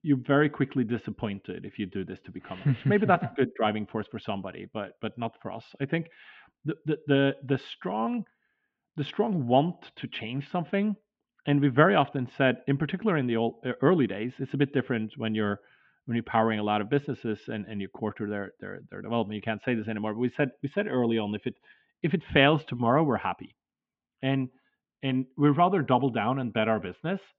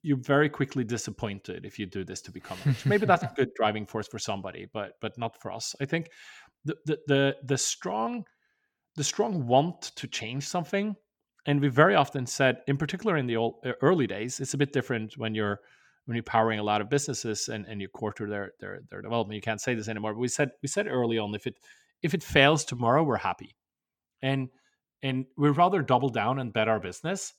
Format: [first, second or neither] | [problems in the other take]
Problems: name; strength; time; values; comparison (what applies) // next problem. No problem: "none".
second | muffled; very; fading above 3 kHz